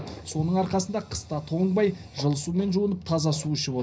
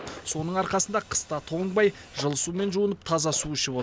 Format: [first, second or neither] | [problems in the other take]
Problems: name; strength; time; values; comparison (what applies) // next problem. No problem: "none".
second | room echo; dies away in 0.4 s